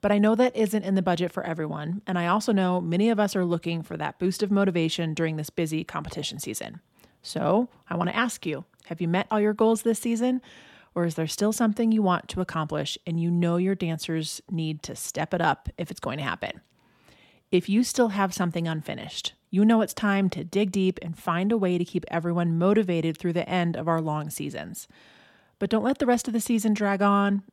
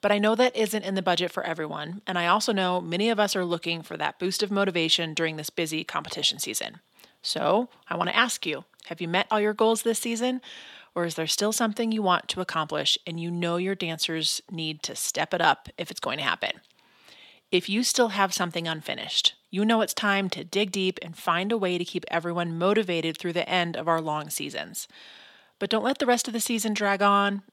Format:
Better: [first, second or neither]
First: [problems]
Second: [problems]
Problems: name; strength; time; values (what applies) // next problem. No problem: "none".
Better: first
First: none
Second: thin; very slightly; fading below 1 kHz